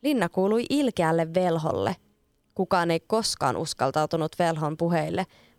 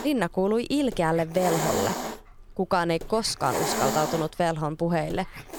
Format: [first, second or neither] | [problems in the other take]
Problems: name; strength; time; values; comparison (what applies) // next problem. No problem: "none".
first | hiss; loud; throughout; 4 dB below the speech